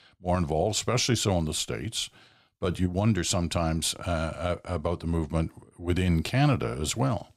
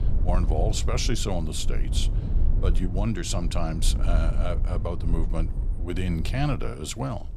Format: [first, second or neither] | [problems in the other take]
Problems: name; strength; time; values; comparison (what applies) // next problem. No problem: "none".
first | low rumble; noticeable; throughout; 10 dB below the speech